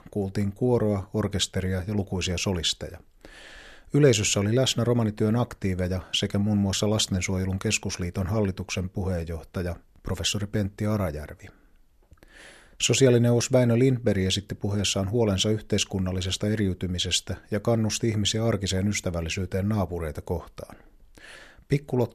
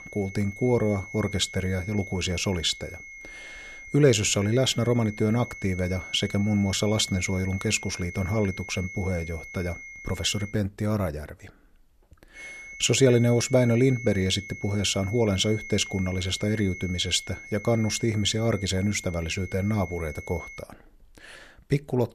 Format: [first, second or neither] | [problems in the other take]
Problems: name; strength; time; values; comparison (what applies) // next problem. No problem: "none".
first | high-pitched whine; noticeable; until 11 s and from 12 to 21 s; 2 kHz, 15 dB below the speech